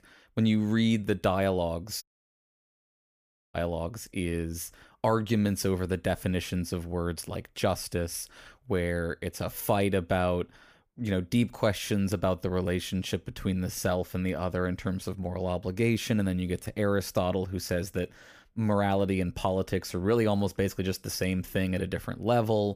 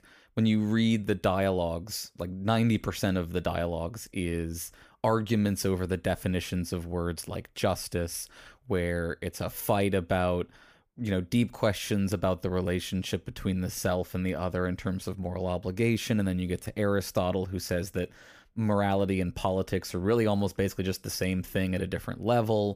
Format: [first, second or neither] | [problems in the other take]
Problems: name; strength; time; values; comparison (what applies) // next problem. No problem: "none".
second | audio cutting out; at 2 s for 1.5 s